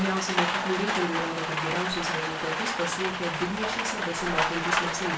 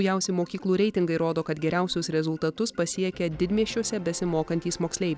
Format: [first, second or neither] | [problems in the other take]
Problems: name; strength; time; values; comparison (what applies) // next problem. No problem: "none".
second | background sound (Rain); 2 dB above the speech // room echo; dies away in 0.3 s